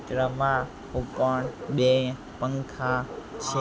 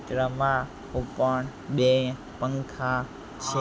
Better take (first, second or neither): second